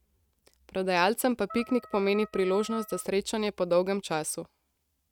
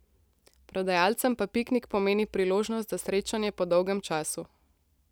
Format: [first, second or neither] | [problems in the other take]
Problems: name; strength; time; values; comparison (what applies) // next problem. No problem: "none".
second | noise reduction (neural mask model RNNoise)